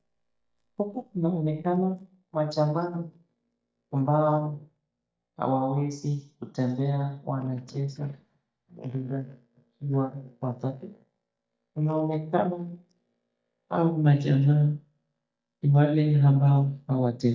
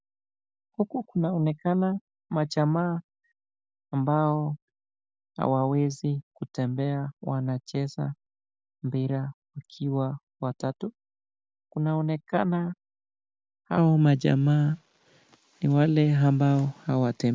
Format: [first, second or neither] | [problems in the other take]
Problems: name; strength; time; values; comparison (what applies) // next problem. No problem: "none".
second | noise reduction (neural mask model DeepFilterNet 3)